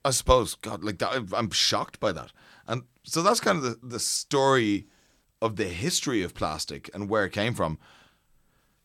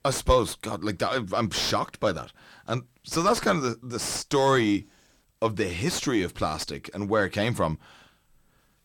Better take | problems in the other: first | distortion; slight; 10 dB below the speech

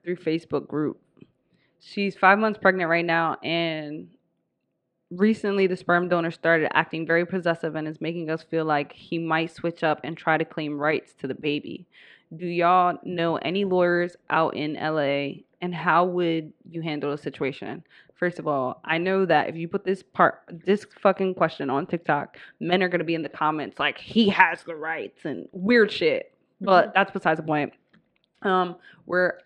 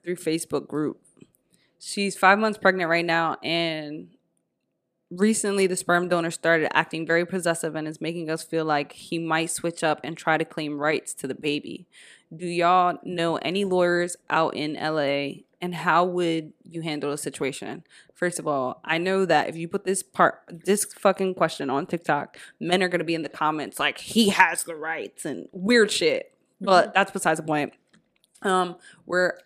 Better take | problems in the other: second | muffled; slightly; fading above 3.5 kHz

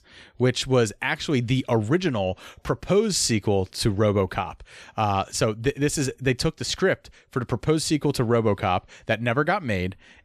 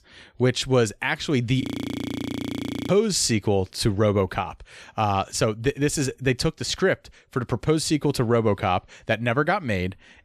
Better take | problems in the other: first | audio freezing; at 1.5 s for 1.5 s

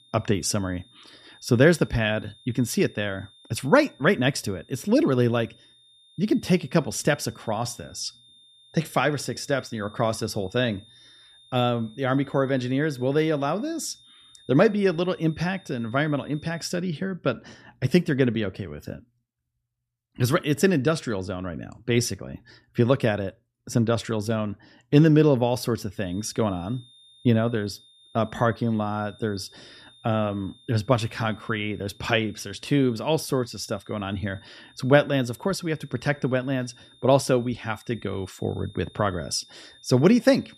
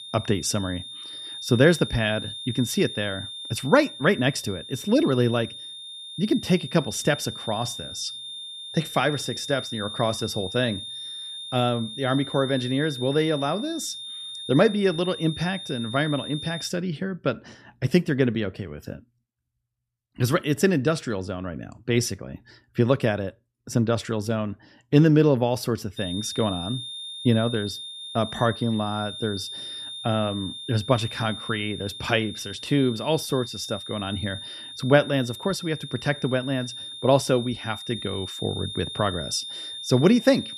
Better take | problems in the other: first | high-pitched whine; loud; until 17 s and from 26 s on; 3.5 kHz, 9 dB below the speech; faint in the first

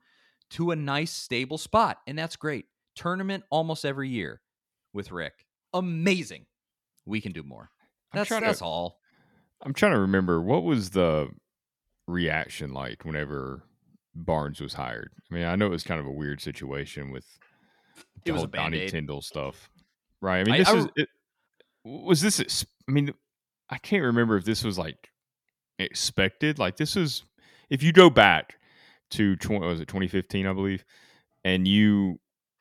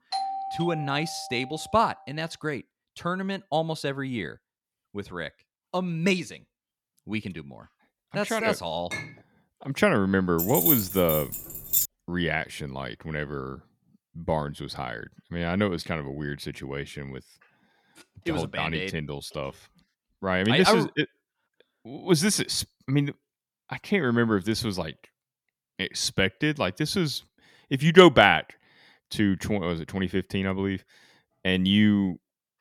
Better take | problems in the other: first | doorbell; noticeable; until 1.5 s; peak 5 dB below the speech // clattering dishes; noticeable; at 9 s; peak 9 dB below the speech // jangling keys; loud; from 10 to 12 s; peak 5 dB above the speech

